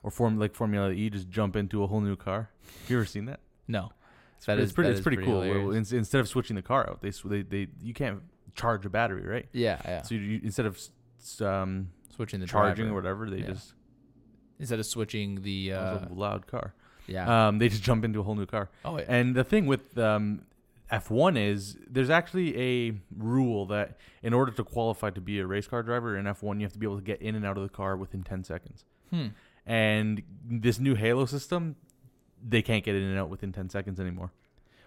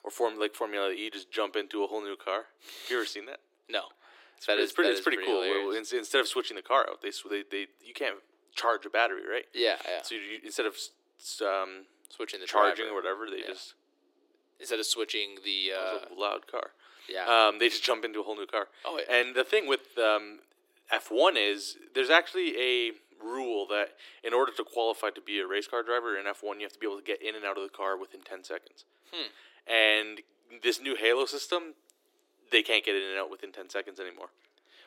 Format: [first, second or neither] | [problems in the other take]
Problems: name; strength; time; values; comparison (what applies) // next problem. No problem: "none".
first | thin; very; fading below 300 Hz